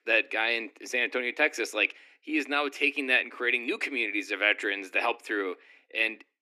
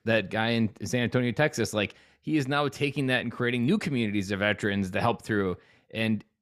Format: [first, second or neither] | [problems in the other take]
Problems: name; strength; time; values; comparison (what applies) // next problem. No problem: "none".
second | thin; somewhat; fading below 250 Hz